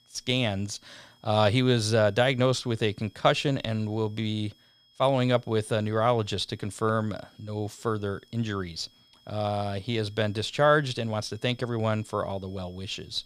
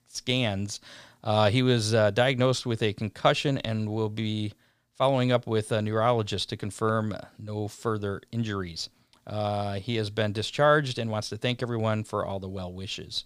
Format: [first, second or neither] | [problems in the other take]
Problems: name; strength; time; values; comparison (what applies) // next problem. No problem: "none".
second | high-pitched whine; faint; throughout; 3.5 kHz, 30 dB below the speech